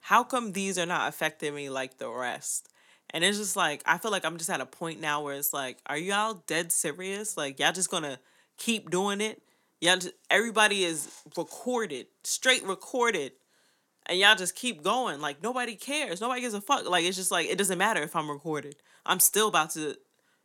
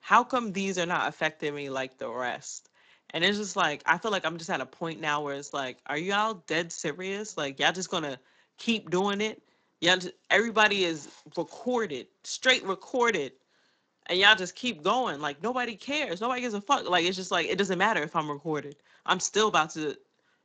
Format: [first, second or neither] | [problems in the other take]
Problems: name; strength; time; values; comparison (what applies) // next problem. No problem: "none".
first | garbled, watery; slightly